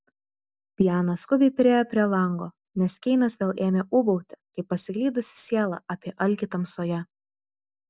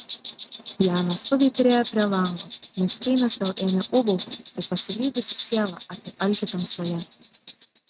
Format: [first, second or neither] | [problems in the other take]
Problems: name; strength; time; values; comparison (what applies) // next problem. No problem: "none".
first | noise reduction (neural mask model RNNoise)